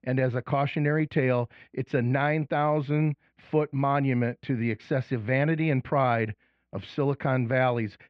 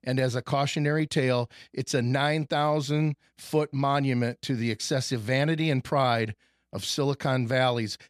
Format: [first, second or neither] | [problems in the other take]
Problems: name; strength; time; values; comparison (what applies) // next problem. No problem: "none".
second | muffled; very; fading above 2.5 kHz